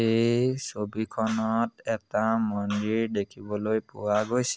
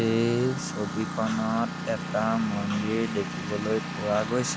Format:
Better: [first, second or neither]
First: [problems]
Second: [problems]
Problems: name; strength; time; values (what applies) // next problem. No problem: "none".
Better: first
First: none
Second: background sound (Engine); 6 dB below the speech